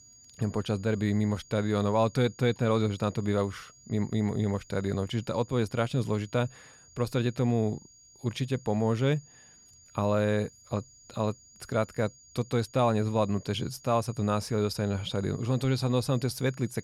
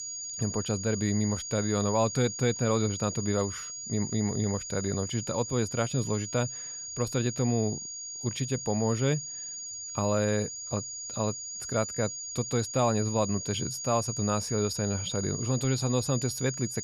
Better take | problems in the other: first | high-pitched whine; loud; throughout; 6.5 kHz, 5 dB below the speech; faint in the first

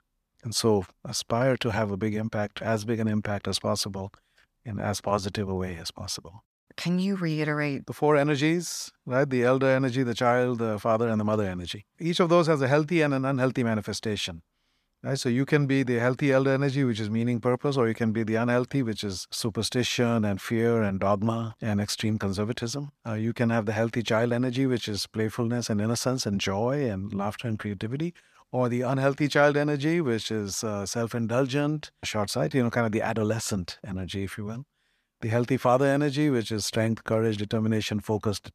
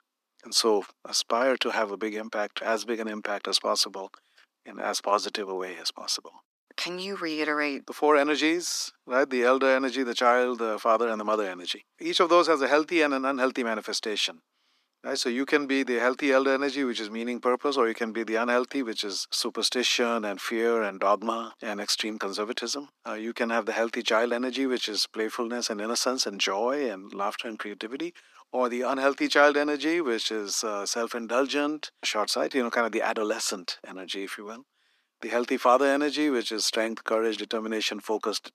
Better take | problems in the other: first | thin; somewhat; fading below 250 Hz

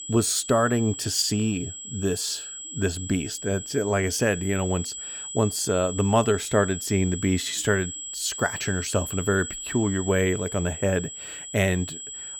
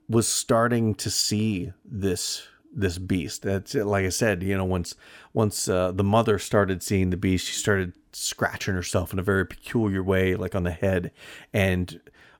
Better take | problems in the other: second | high-pitched whine; loud; throughout; 7.5 kHz, 8 dB below the speech

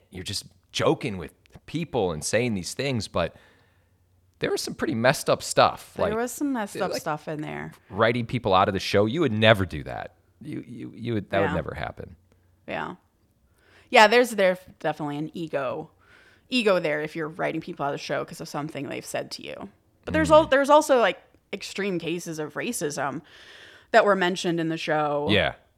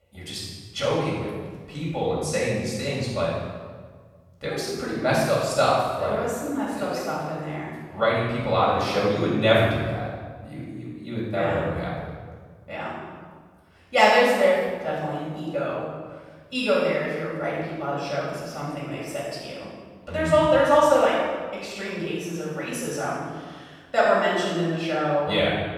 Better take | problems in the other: first | off-mic speech; far // room echo; strong; dies away in 1.3 s

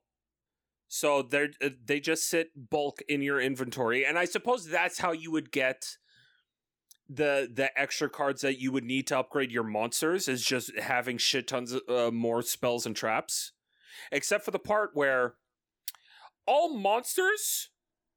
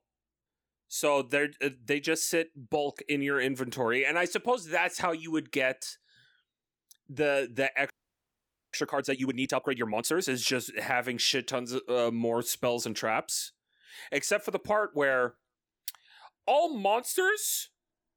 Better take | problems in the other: first | audio freezing; at 8 s for 1 s

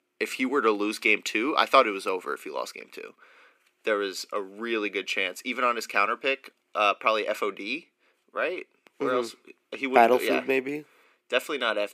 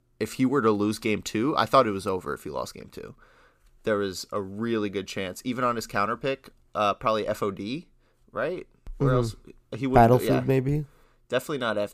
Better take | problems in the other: second | thin; somewhat; fading below 300 Hz

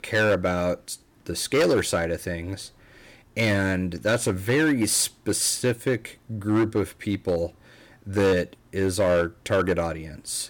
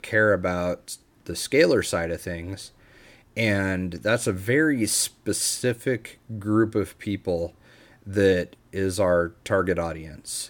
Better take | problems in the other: second | distortion; slight; 5% of the sound clipped

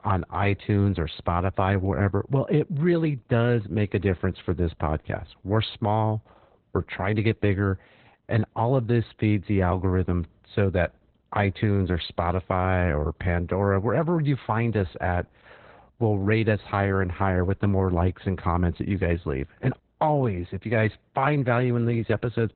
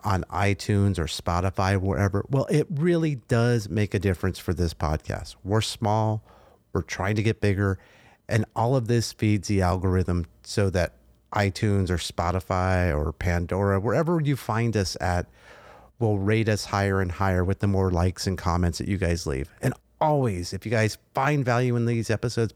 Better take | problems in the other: second | garbled, watery; badly; nothing above 4 kHz

